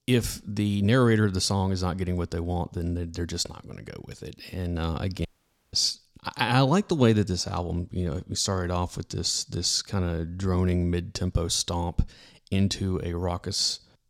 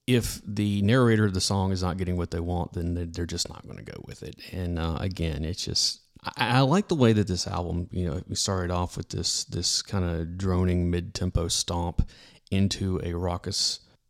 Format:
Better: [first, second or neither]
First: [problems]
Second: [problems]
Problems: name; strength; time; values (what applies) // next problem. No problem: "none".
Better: second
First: audio cutting out; at 5.5 s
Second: none